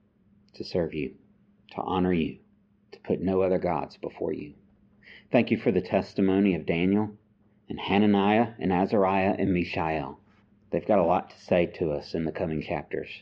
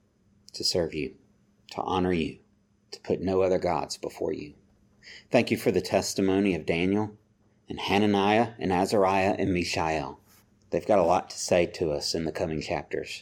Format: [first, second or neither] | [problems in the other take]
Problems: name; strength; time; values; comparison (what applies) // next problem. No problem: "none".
second | muffled; slightly; fading above 3.5 kHz